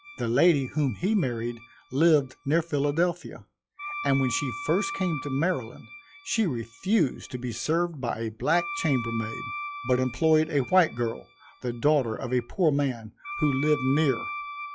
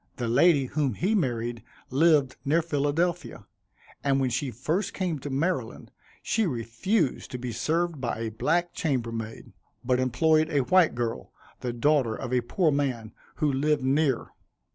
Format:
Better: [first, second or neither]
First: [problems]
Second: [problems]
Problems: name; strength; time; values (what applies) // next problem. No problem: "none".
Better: second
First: noise reduction (classical method log-MMSE)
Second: none